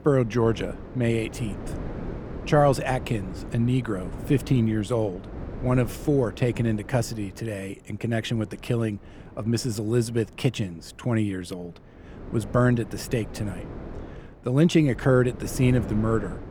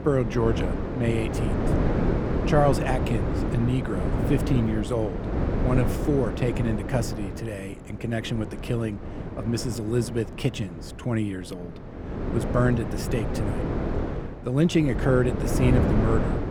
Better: first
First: wind noise on the microphone; occasional gusts; 15 dB below the speech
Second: wind noise on the microphone; heavy; 3 dB below the speech

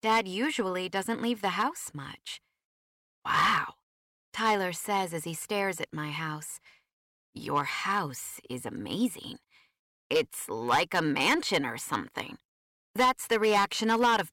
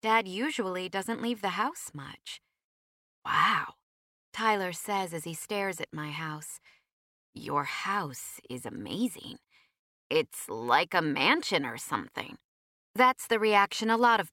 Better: second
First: distortion; slight; 3% of the sound clipped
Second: none

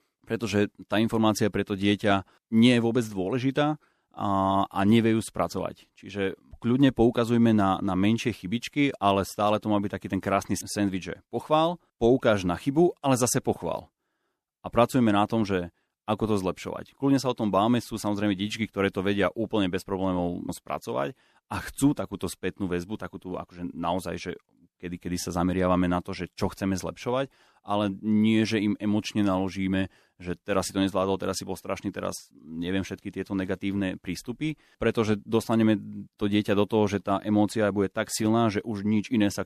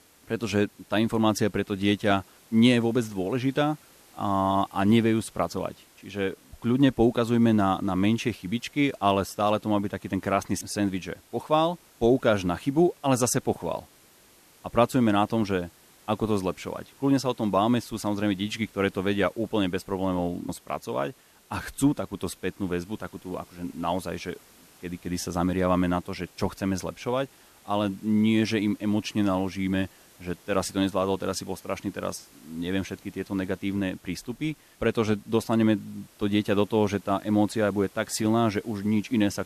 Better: first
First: none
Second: hiss; faint; throughout; 25 dB below the speech

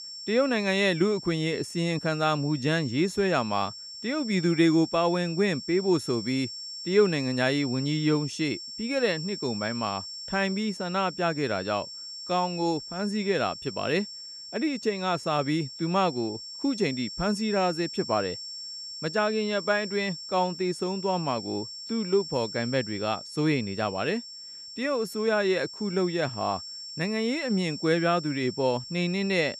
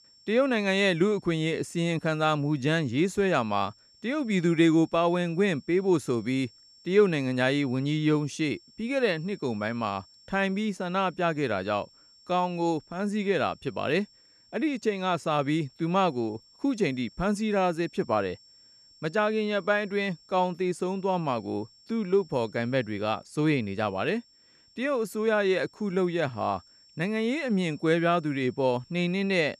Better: second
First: high-pitched whine; loud; throughout; 5.5 kHz, 10 dB below the speech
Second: high-pitched whine; faint; throughout; 5.5 kHz, 30 dB below the speech

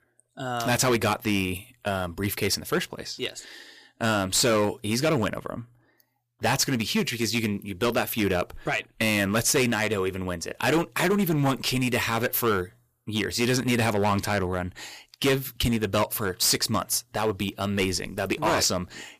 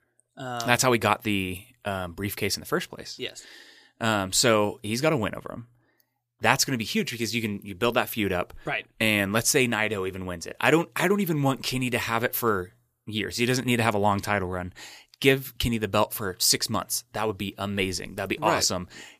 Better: second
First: distortion; heavy; 7% of the sound clipped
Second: none

